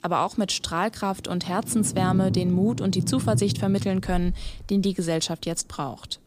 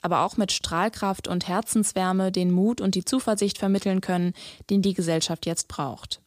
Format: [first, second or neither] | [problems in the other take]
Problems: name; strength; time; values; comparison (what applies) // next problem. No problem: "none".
second | rain or running water; loud; throughout; 4 dB below the speech